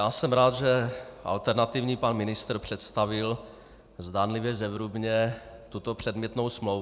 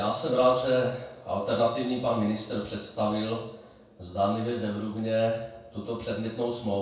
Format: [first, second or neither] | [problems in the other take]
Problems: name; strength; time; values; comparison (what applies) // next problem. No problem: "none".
first | room echo; dies away in 0.6 s